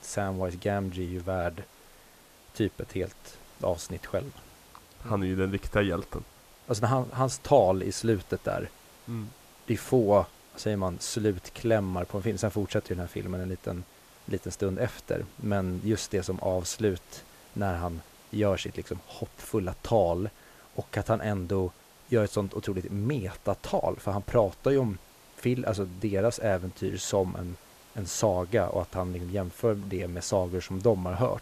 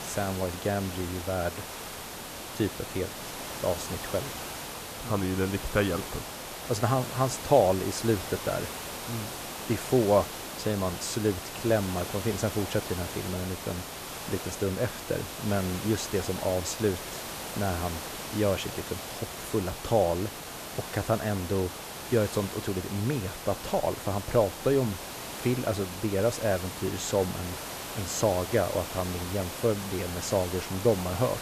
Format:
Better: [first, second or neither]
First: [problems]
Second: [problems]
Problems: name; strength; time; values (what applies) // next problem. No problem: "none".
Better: first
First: hiss; faint; throughout; 25 dB below the speech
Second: hiss; loud; throughout; 7 dB below the speech